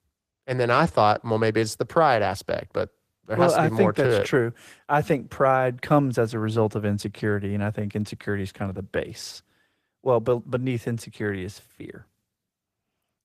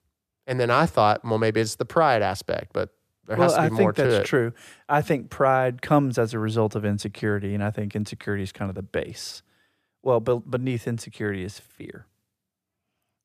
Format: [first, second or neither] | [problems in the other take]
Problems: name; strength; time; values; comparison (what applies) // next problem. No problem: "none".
second | garbled, watery; slightly; nothing above 14.5 kHz